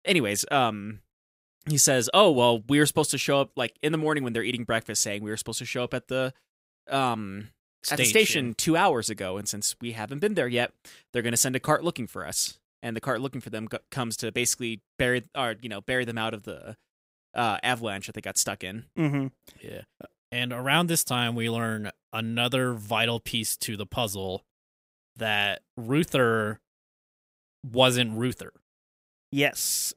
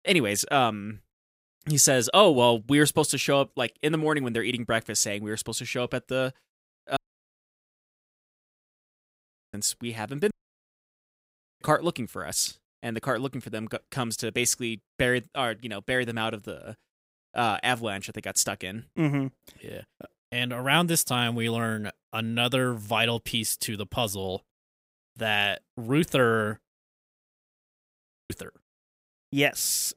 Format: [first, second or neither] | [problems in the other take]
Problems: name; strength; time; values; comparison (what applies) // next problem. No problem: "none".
first | audio cutting out; at 7 s for 2.5 s, at 10 s for 1.5 s and at 27 s for 1 s